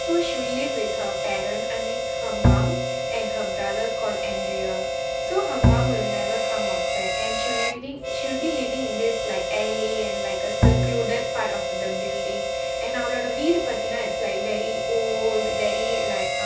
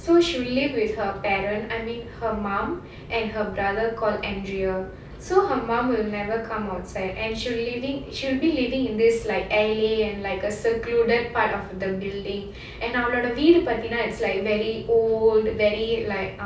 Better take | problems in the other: second | background sound (Bowed string instrument + Harmonica); 5 dB above the speech

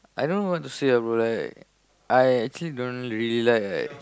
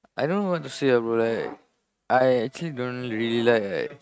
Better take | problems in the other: first | noise reduction (neural mask model RNNoise)

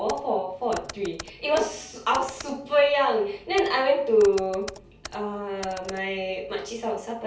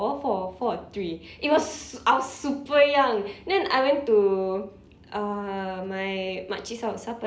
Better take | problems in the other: second | background sound (Computer keyboard); 18 dB below the speech // room echo; dies away in 0.3 s

